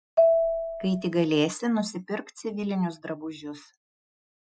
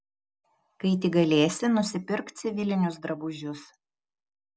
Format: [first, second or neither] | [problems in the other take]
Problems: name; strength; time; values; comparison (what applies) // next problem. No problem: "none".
second | noise reduction (classical method Wiener filter)